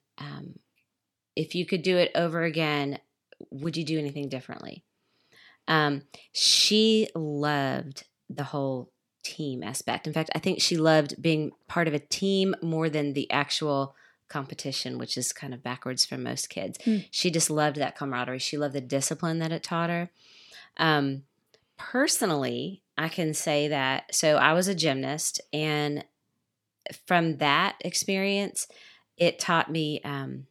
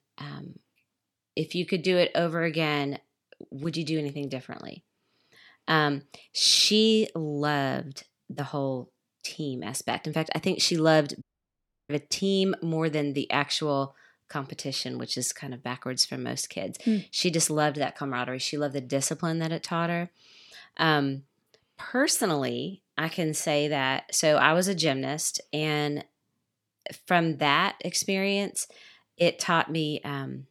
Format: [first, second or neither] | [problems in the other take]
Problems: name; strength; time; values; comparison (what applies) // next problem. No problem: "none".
first | audio cutting out; at 11 s for 0.5 s